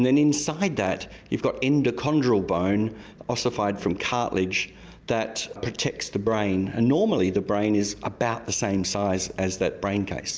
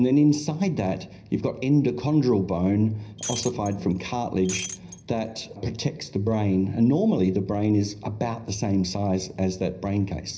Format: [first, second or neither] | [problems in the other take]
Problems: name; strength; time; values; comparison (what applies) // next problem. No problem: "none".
first | background sound (Shatter); 12 dB below the speech // room echo; dies away in 0.4 s